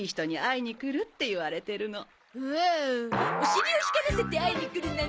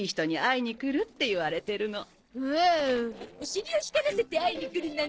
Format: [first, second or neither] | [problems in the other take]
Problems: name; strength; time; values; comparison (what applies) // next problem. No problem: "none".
first | noise reduction (neural separator model SepFormer DNS4)